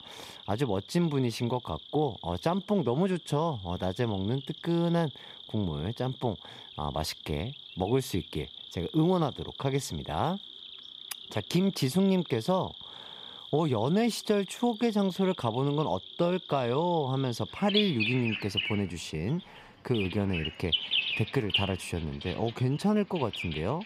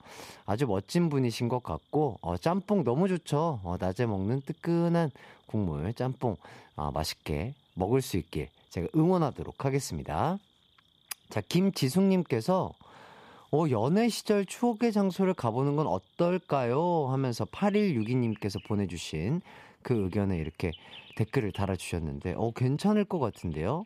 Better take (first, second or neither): second